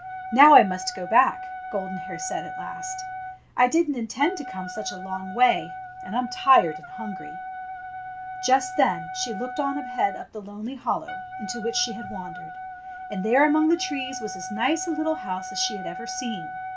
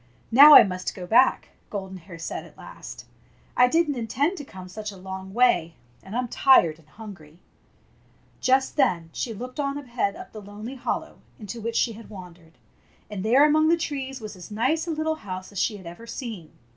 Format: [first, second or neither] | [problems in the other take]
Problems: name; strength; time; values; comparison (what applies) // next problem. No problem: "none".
second | background sound (Wind instrument, woodwind instrument); 10 dB below the speech